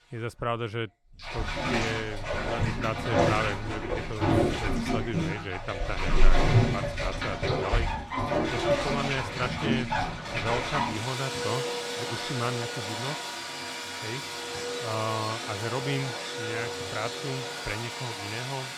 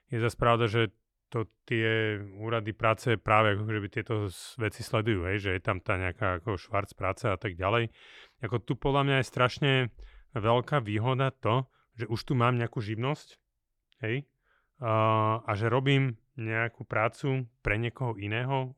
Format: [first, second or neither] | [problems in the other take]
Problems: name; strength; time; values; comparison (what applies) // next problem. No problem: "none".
second | household noises; very loud; throughout; 4 dB above the speech